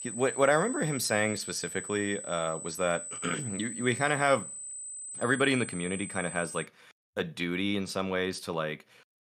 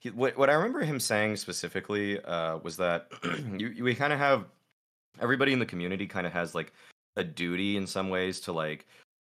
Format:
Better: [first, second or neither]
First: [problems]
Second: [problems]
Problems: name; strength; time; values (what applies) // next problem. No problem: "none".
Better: second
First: high-pitched whine; loud; until 6.5 s; 8 kHz, 8 dB below the speech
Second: none